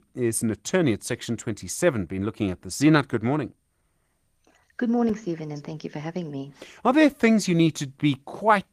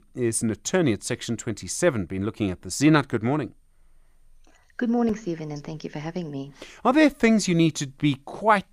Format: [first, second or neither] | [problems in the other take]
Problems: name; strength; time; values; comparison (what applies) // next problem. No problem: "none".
second | garbled, watery; slightly